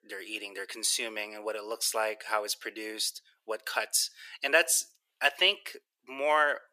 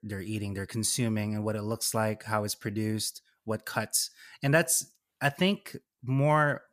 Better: second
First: thin; very; fading below 400 Hz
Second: none

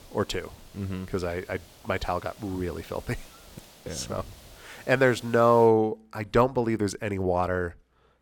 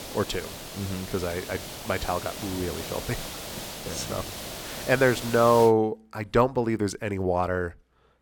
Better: first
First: hiss; faint; until 5.5 s; 25 dB below the speech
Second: hiss; loud; until 5.5 s; 10 dB below the speech

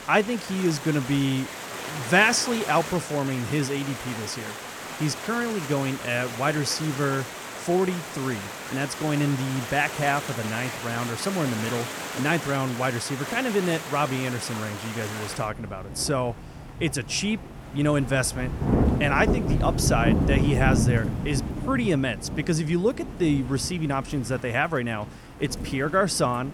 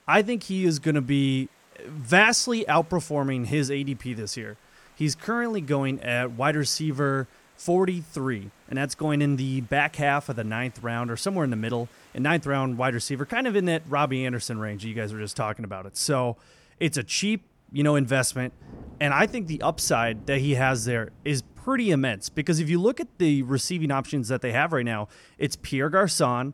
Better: second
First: rain or running water; loud; throughout; 5 dB below the speech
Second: rain or running water; faint; throughout; 30 dB below the speech

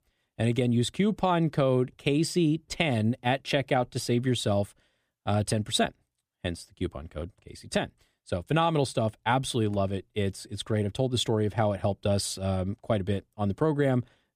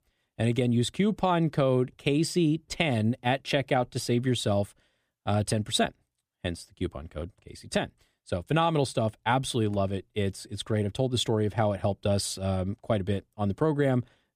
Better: neither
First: none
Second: none

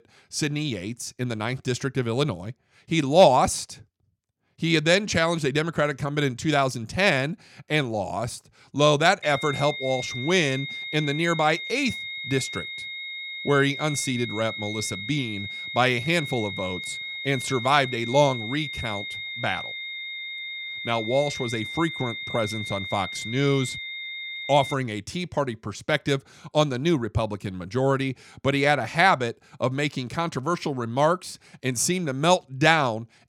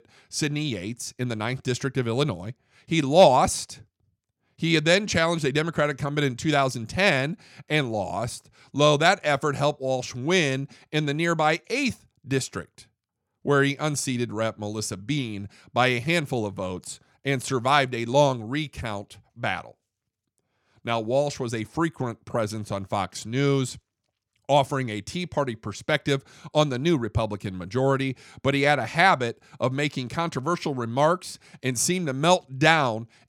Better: second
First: high-pitched whine; loud; from 9 to 25 s; 2 kHz, 7 dB below the speech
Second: none

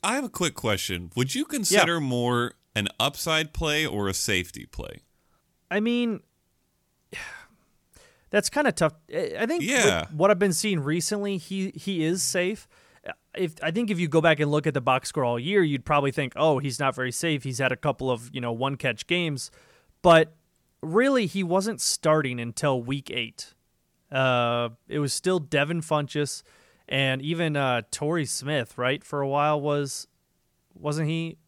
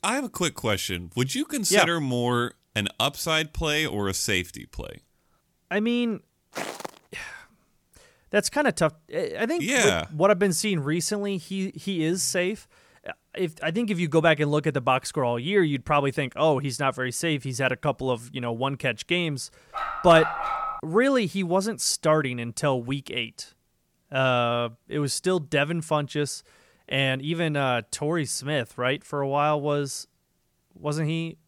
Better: first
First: none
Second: footsteps; noticeable; at 6.5 s; peak 9 dB below the speech // dog barking; noticeable; from 20 to 21 s; peak 3 dB below the speech

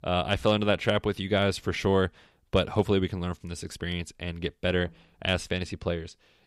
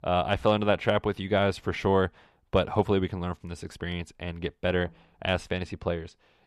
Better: first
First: none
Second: muffled; slightly; fading above 3.5 kHz

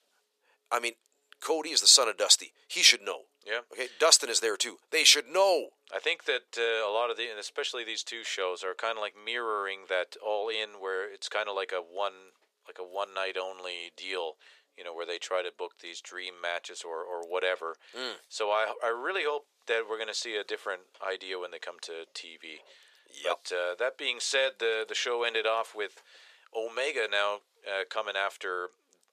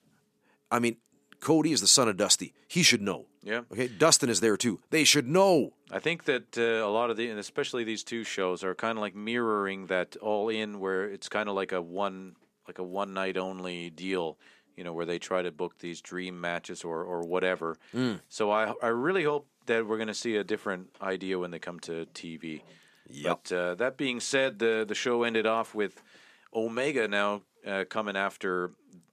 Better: second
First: thin; very; fading below 500 Hz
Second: none

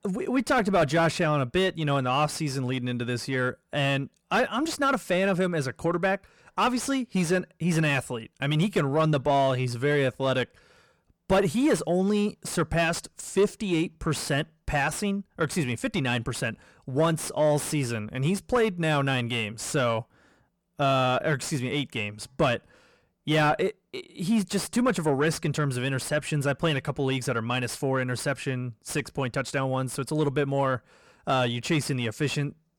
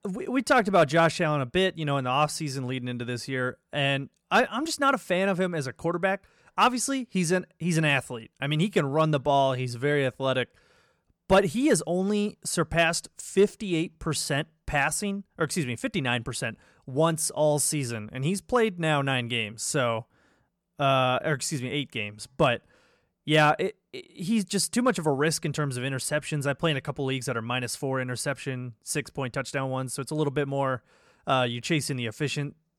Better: second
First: distortion; slight; 10 dB below the speech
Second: none

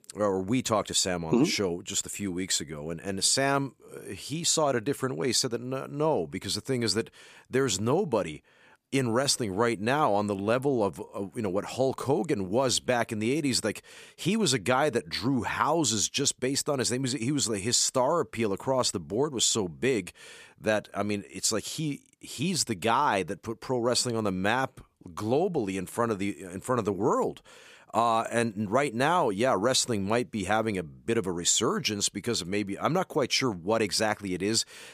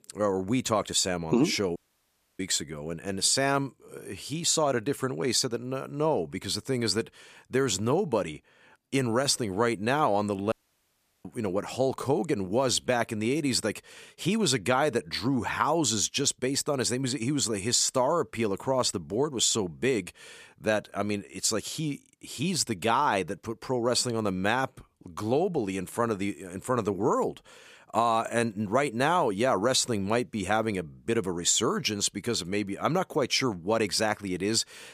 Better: first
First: none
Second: audio cutting out; at 2 s for 0.5 s and at 11 s for 0.5 s

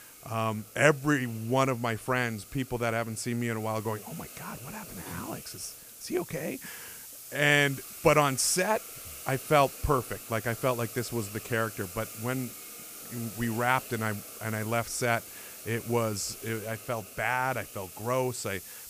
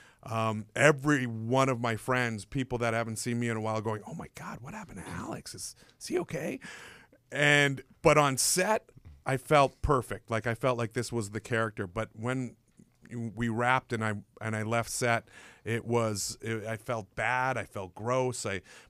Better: second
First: hiss; noticeable; throughout; 15 dB below the speech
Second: none

